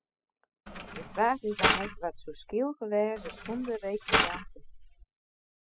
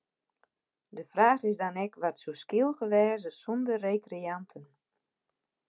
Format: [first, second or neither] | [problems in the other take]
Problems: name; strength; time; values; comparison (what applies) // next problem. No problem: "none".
second | noise reduction (classical method spectral subtraction)